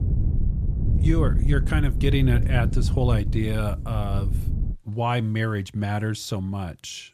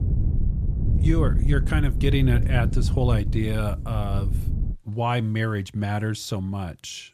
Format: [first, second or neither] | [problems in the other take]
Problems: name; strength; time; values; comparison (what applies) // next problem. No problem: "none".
neither | wind noise on the microphone; heavy; until 4.5 s; 10 dB below the speech; the same in both